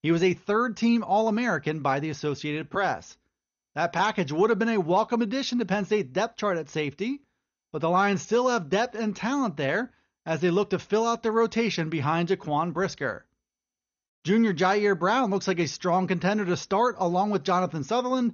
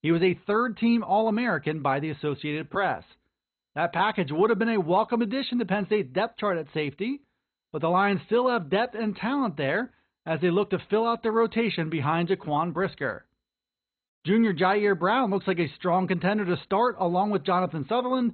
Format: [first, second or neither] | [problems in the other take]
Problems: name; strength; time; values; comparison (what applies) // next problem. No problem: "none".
first | garbled, watery; badly; nothing above 4 kHz; slightly in the first